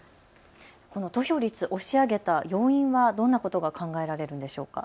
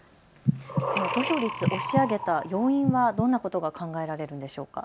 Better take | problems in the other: first | background sound (Breathing); 2 dB below the speech

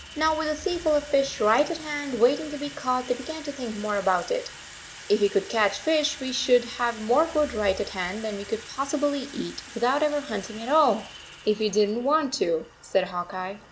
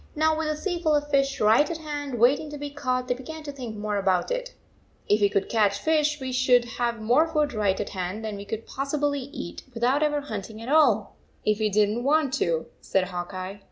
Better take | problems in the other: second | background sound (Sink (filling or washing) / Water tap, faucet); 17 dB below the speech

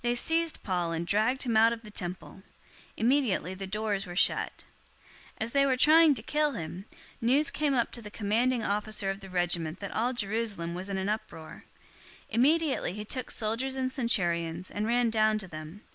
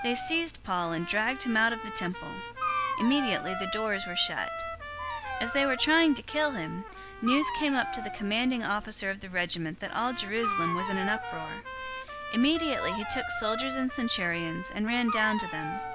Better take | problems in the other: first | background sound (Dog + Trumpet); 5 dB below the speech

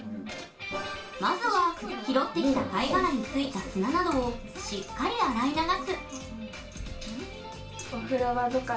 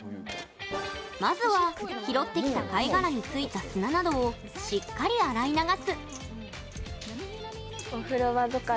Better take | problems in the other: second | room echo; dies away in 0.3 s

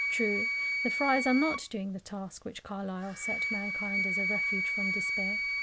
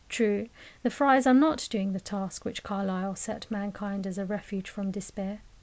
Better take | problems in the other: second | background sound (Wind instrument, woodwind instrument); 1 dB above the speech

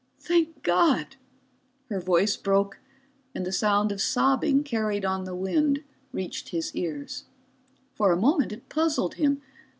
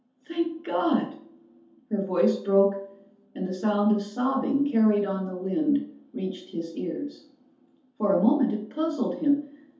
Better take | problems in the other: first | room echo; dies away in 0.6 s

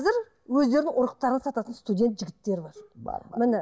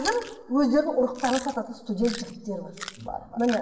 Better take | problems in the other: first | background sound (Chewing, mastication); 15 dB below the speech // room echo; dies away in 1.1 s

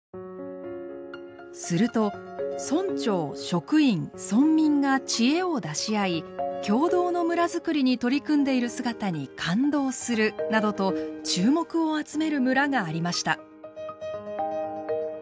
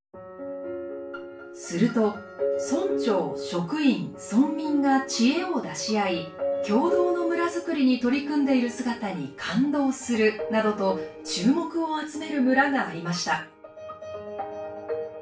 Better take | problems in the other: first | room echo; dies away in 0.3 s

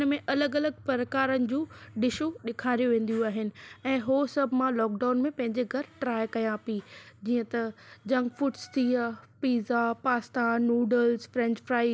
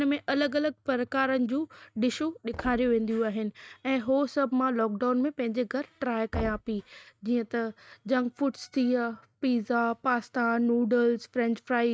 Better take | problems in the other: first | noise reduction (neural mask model RNNoise)

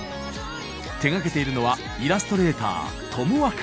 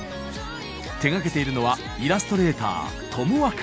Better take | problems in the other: second | background sound (Telephone); 19 dB below the speech

